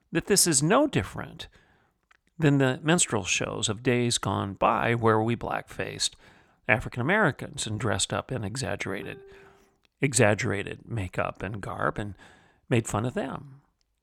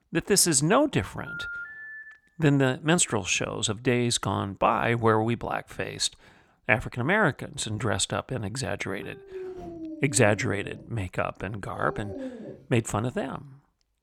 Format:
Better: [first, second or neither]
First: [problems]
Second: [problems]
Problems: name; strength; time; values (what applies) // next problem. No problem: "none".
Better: first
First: none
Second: phone ringing; noticeable; from 1 to 2 s; peak 9 dB below the speech // dog barking; faint; from 9.5 to 13 s; peak 10 dB below the speech